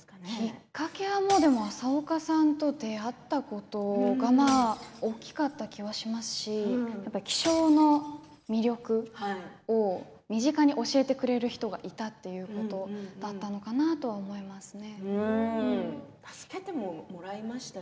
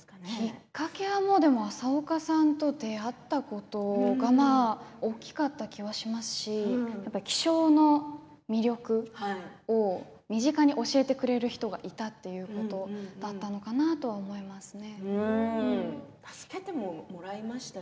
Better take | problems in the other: second | background sound (Shatter / Crushing); 18 dB below the speech

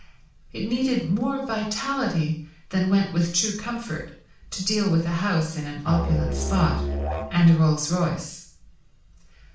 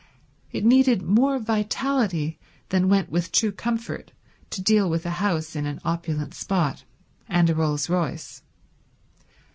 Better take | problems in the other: second | background sound (Musical instrument); 3 dB below the speech // room echo; dies away in 0.5 s

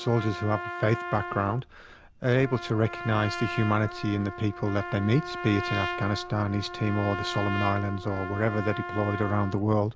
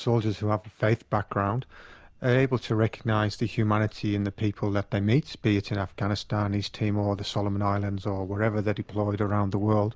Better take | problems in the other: second | background sound (Trumpet); 9 dB below the speech

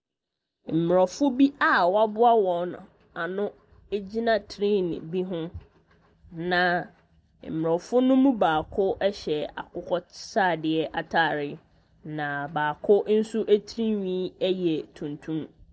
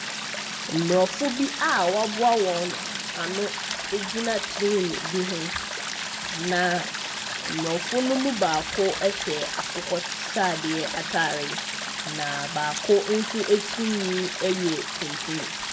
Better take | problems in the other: first | background sound (Stream); 5 dB below the speech // room echo; dies away in 0.3 s

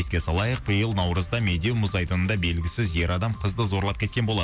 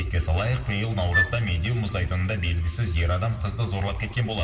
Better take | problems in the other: first | background sound (Wind instrument, woodwind instrument); 3 dB below the speech // room echo; dies away in 1.8 s

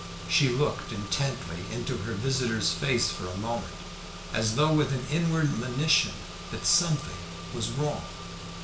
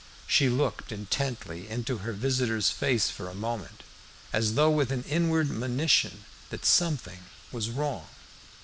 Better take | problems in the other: second | background sound (Engine / Car); 10 dB below the speech // room echo; dies away in 0.4 s

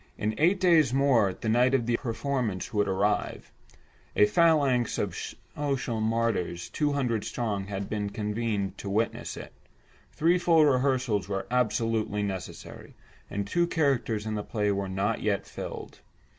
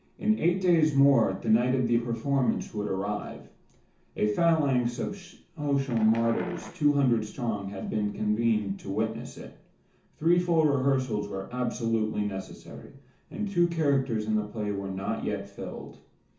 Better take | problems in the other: first | background sound (Wild animals); 15 dB below the speech // room echo; dies away in 0.9 s

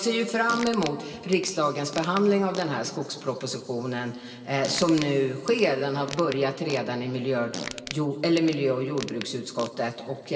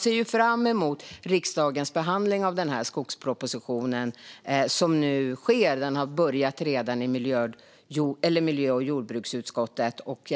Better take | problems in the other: second | background sound (Fart); 14 dB below the speech // room echo; dies away in 2 s

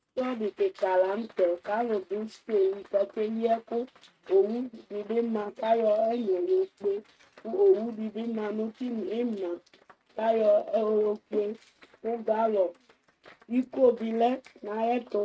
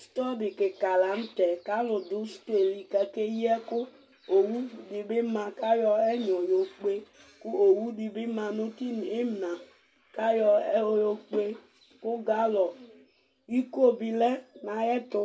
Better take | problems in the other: second | noise reduction (neural mask model RNNoise)

